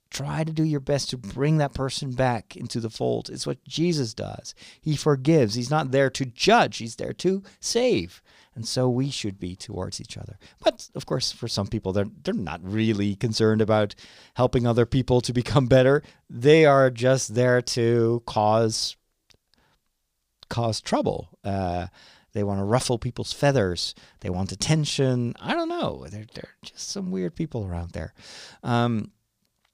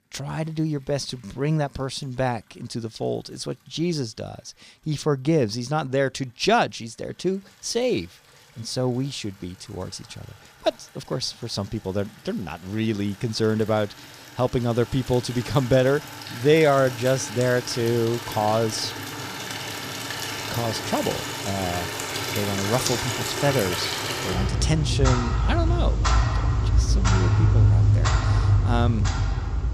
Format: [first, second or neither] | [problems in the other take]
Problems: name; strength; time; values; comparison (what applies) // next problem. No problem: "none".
first | household noises; very loud; throughout; as loud as the speech